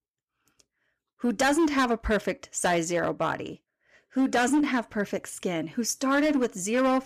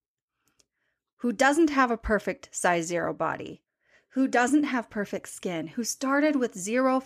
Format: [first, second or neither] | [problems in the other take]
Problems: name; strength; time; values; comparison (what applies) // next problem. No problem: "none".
second | distortion; slight; 7% of the sound clipped